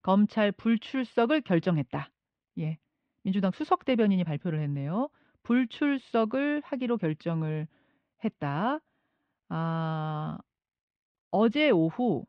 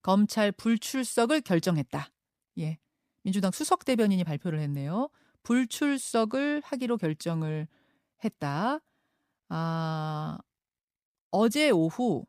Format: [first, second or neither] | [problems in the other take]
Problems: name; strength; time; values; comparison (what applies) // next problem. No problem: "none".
second | muffled; very; fading above 3 kHz